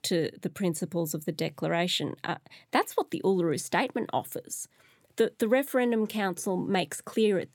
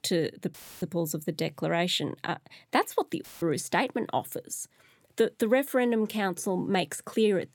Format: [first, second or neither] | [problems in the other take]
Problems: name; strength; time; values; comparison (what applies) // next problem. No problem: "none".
first | audio cutting out; filled with static; at 0.5 s and at 3 s